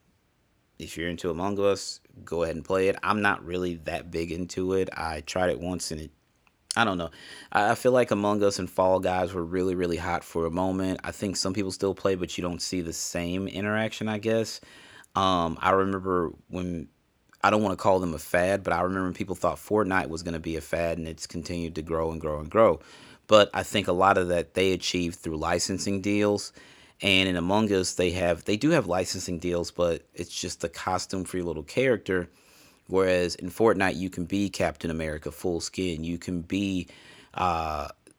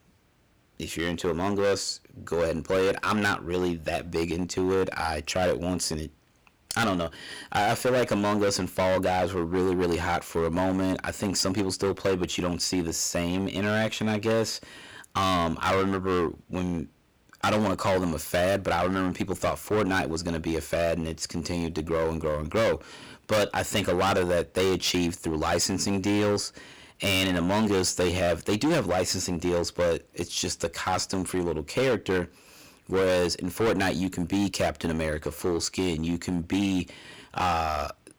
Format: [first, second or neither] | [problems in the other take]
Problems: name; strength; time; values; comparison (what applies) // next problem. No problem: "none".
first | distortion; heavy; 13% of the sound clipped